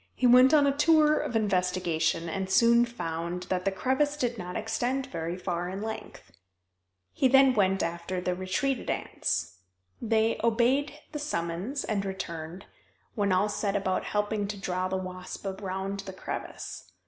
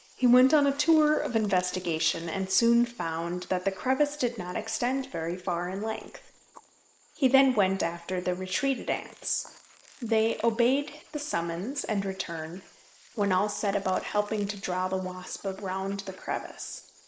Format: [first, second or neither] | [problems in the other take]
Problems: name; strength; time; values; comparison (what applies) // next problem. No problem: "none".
first | noise reduction (neural mask model Resemble Enhance denoiser)